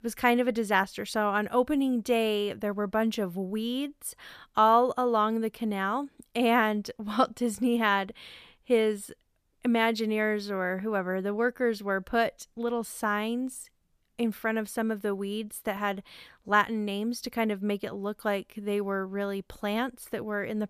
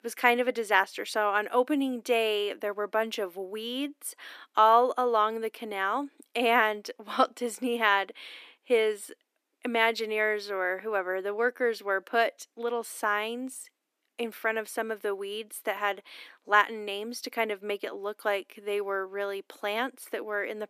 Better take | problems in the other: first | thin; somewhat; fading below 300 Hz

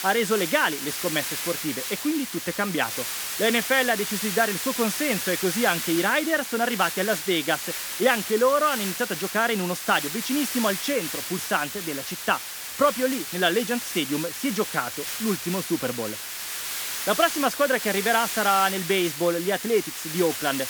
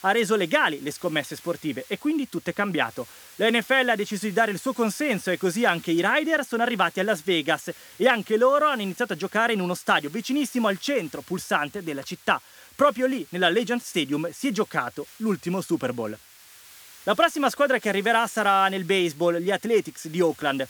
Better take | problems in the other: second | hiss; loud; throughout; 4 dB below the speech; faint in the second

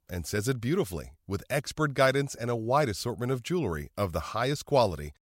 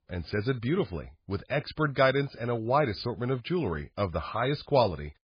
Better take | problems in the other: first | garbled, watery; badly

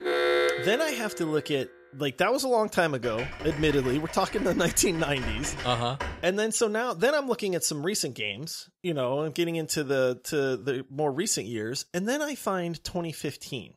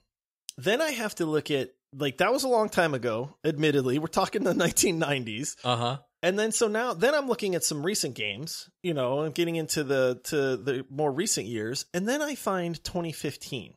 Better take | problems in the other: second | alarm; loud; until 1.5 s; peak 4 dB above the speech // keyboard typing; noticeable; from 3 to 6 s; peak 7 dB below the speech

